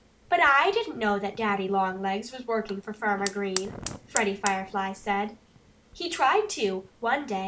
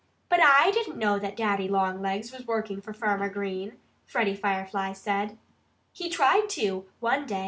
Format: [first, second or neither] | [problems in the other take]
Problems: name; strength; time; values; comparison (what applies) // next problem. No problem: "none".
second | background sound (Fire); 14 dB below the speech